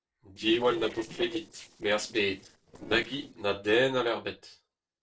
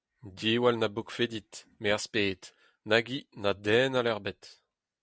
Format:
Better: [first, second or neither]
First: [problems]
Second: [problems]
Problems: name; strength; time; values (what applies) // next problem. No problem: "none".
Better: second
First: noise reduction (neural separator model SepFormer DNS4)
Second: none